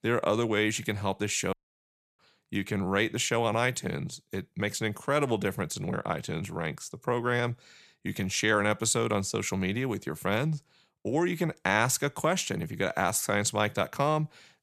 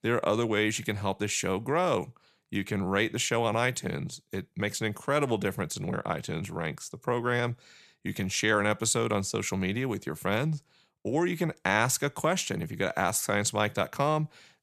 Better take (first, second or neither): second